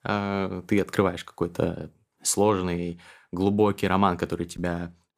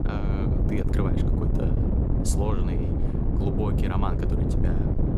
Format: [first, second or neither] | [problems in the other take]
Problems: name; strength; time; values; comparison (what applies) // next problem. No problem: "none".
first | wind noise on the microphone; heavy; 1 dB above the speech